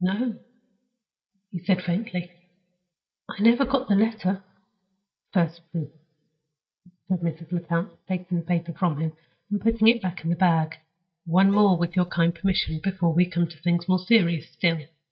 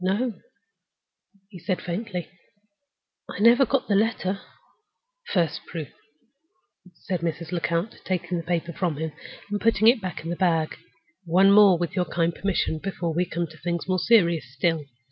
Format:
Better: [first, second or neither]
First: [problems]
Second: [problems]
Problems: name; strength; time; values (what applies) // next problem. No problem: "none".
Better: second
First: noise reduction (neural mask model DeepFilterNet 3)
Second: none